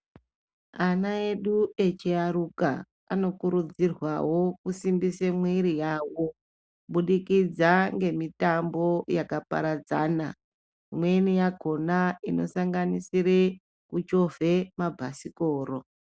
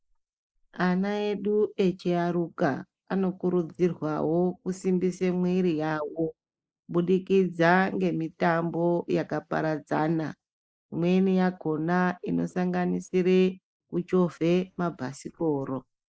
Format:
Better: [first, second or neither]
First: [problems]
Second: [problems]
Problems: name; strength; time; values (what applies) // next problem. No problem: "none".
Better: first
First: none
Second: noise reduction (neural mask model Resemble Enhance denoiser)